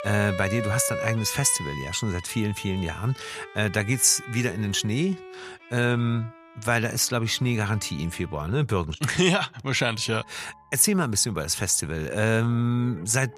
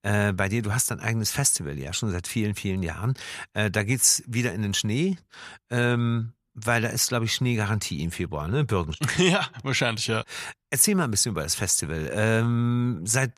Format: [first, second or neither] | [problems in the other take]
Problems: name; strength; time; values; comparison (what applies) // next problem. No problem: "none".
second | background music; noticeable; throughout; 15 dB below the speech